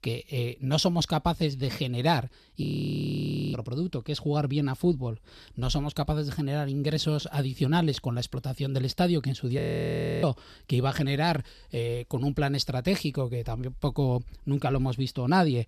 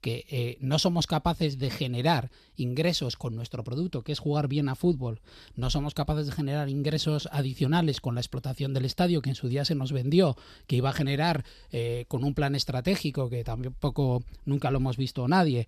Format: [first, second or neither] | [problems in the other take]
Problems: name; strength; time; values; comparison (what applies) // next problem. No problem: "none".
second | audio freezing; at 2.5 s for 1 s and at 9.5 s for 0.5 s